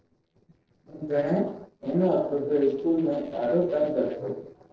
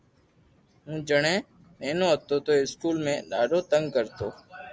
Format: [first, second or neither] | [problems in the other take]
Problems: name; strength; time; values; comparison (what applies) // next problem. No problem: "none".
second | noise reduction (neural separator model SepFormer DNS4)